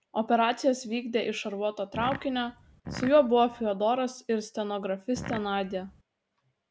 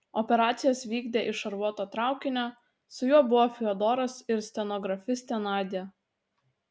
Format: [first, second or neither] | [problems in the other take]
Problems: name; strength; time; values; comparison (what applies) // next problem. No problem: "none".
second | background sound (Fart); 12 dB below the speech